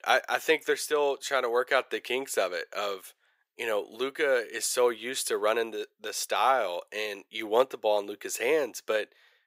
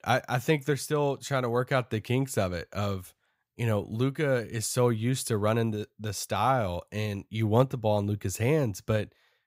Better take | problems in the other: second | thin; very; fading below 400 Hz

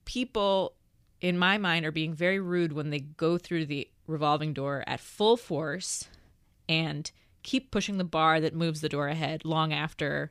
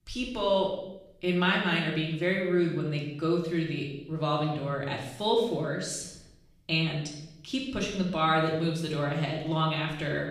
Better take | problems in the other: first | room echo; noticeable; dies away in 0.7 s // off-mic speech; far

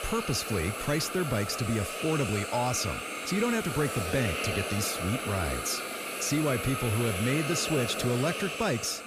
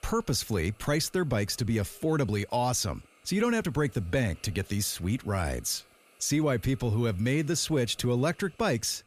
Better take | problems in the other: second | hiss; loud; throughout; 3 dB below the speech; faint in the second

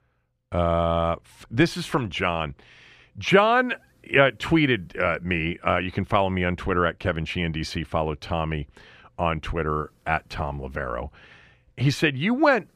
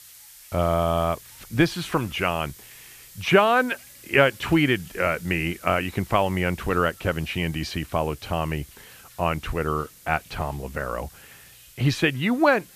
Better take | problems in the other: first | hiss; faint; throughout; 20 dB below the speech

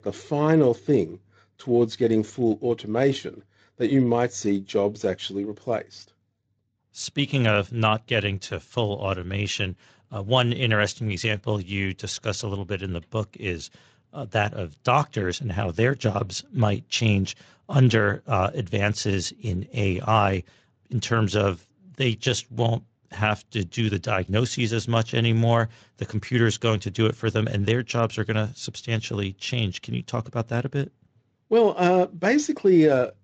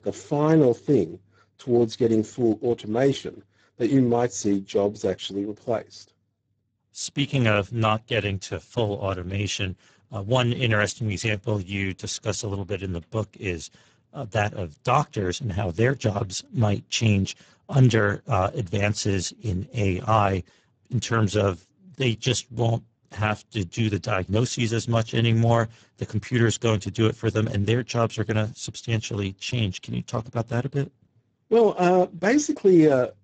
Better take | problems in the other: first | garbled, watery; badly; nothing above 7.5 kHz; slightly in the first

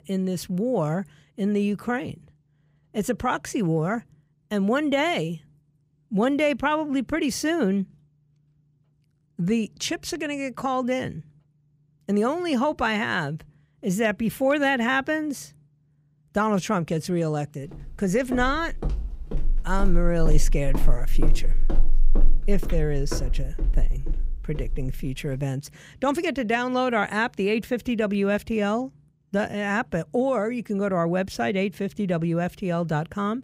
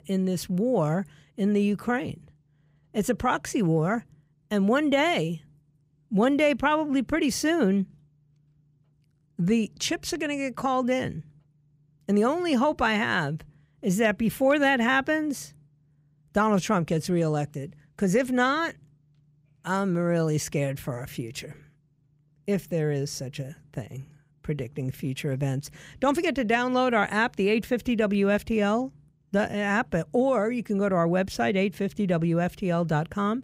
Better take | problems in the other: second | footsteps; loud; from 18 to 25 s; peak 1 dB above the speech

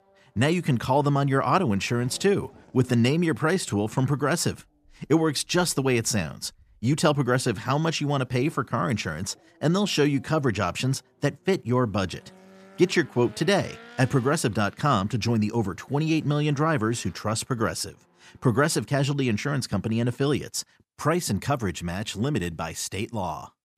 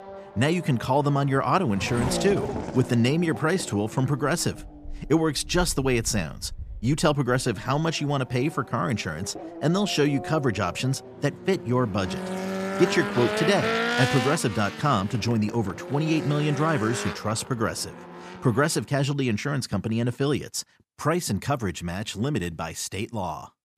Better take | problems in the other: first | traffic noise; loud; until 19 s; 7 dB below the speech; faint in the first

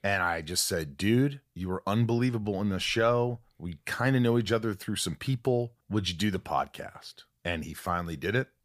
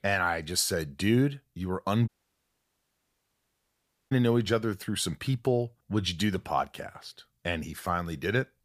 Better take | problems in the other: first | audio cutting out; at 2 s for 2 s

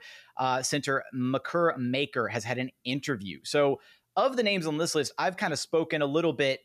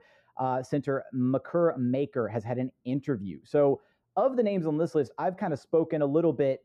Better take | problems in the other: first | muffled; very; fading above 1.5 kHz

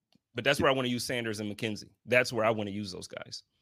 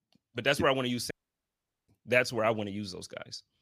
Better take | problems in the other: first | audio cutting out; at 1 s for 1 s

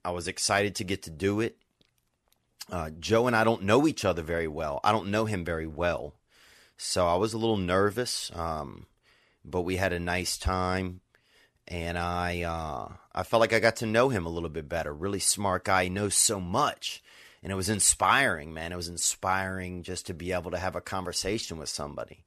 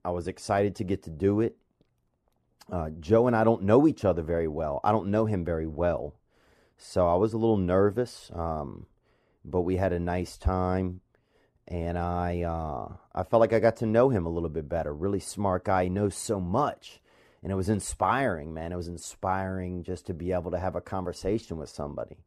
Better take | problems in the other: first | muffled; slightly; fading above 1.5 kHz

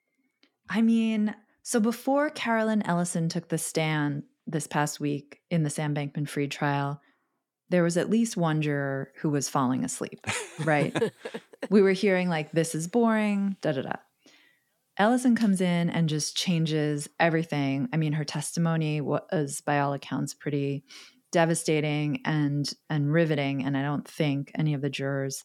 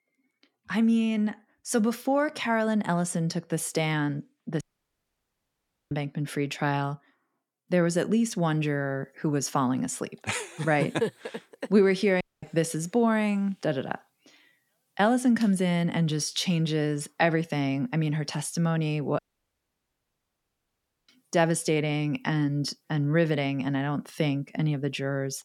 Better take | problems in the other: first | audio cutting out; at 4.5 s for 1.5 s, at 12 s and at 19 s for 2 s

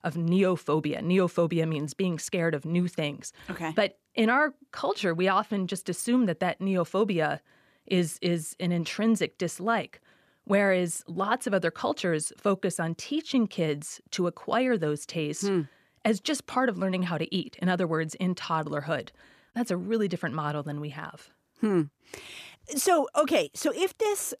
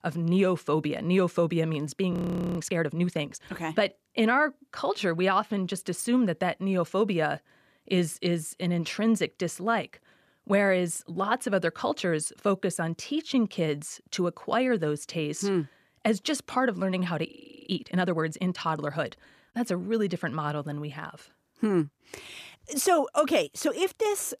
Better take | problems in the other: first | audio freezing; at 2 s and at 17 s

